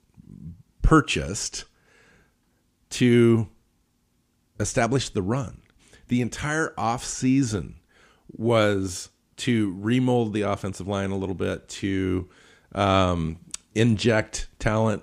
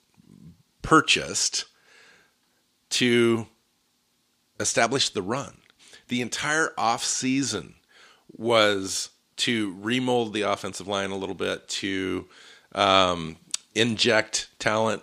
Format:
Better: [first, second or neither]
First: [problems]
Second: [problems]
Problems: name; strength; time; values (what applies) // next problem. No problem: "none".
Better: first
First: none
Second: thin; very slightly; fading below 1 kHz